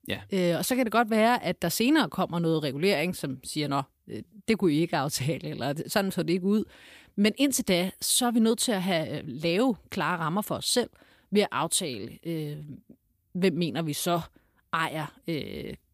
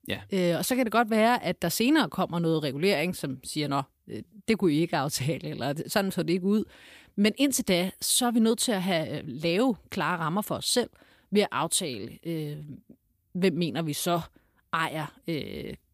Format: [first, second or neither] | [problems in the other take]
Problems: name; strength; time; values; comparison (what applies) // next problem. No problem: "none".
neither | none